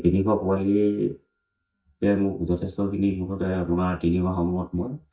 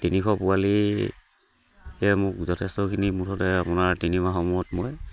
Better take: second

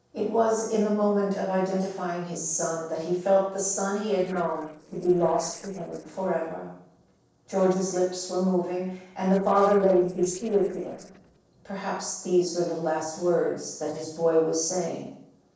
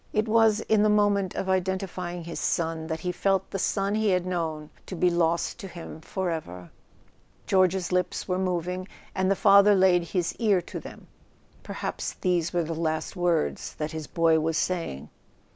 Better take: second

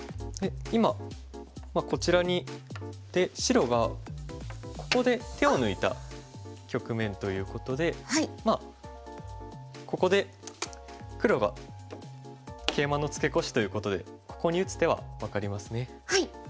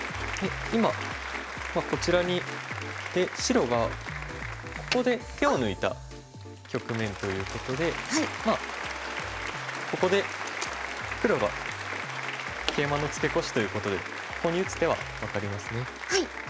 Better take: first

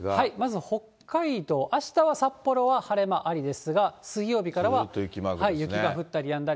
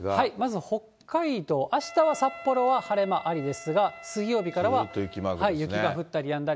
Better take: first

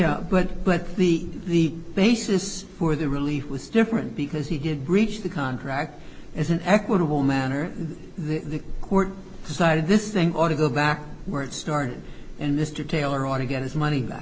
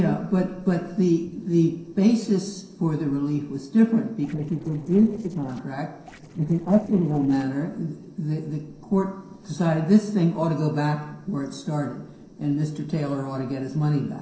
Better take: first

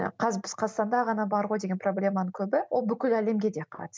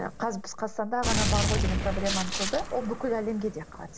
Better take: first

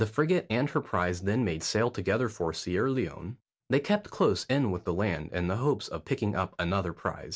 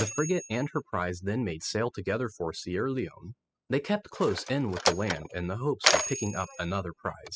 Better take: first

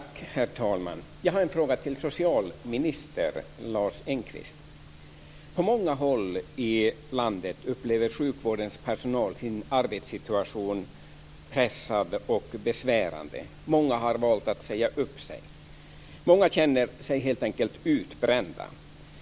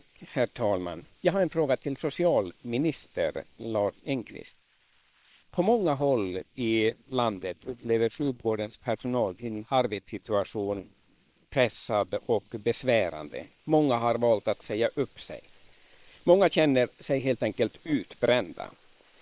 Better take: first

